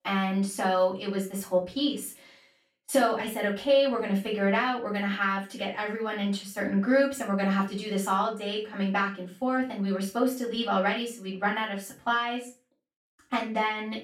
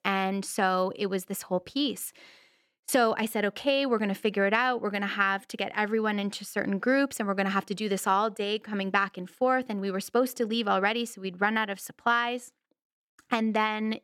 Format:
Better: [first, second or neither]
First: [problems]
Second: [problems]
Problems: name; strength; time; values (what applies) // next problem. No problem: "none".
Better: second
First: off-mic speech; far // room echo; slight; dies away in 0.3 s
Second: none